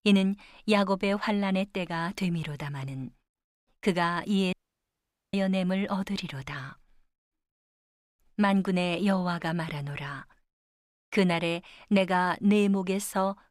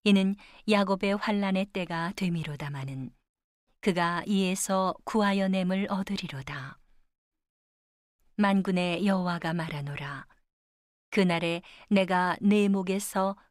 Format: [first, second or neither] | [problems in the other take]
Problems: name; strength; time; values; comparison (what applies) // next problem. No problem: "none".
second | audio cutting out; at 4.5 s for 1 s